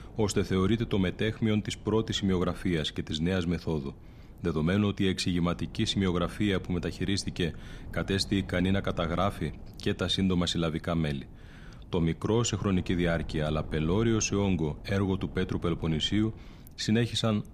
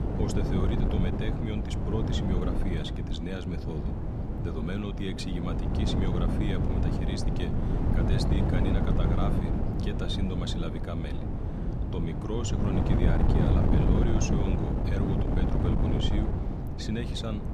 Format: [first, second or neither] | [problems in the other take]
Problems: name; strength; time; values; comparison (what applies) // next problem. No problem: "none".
first | wind noise on the microphone; heavy; 2 dB above the speech; occasional gusts in the first